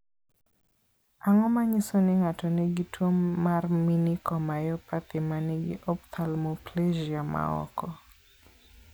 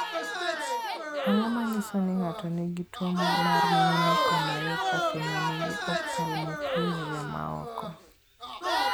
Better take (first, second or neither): first